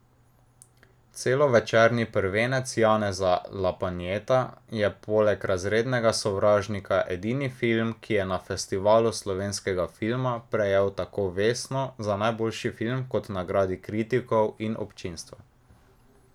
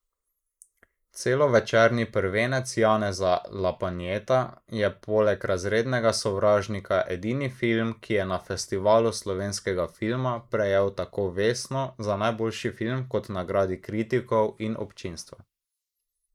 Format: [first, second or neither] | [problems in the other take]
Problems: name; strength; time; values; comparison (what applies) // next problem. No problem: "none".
first | noise reduction (neural mask model Resemble Enhance denoiser)